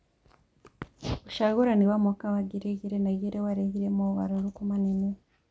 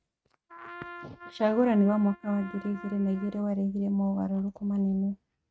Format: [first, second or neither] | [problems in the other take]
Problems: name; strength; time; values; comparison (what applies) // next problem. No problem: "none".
first | noise reduction (neural mask model RNNoise)